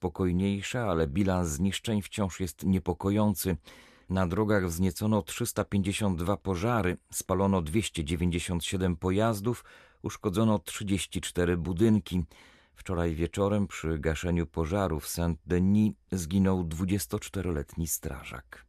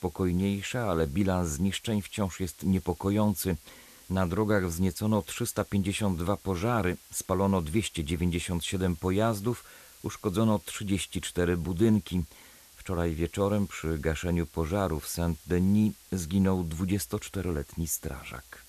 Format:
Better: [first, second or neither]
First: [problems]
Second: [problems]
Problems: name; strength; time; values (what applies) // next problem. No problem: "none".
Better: first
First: none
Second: hiss; faint; throughout; 20 dB below the speech